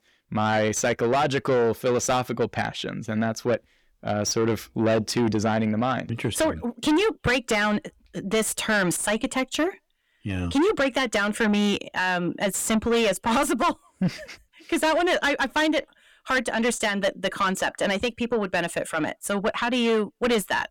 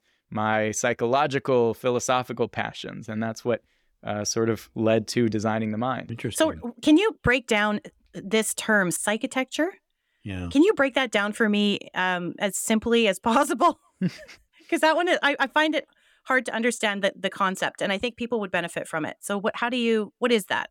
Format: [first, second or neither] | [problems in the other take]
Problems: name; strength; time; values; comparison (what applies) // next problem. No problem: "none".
second | distortion; heavy; 7 dB below the speech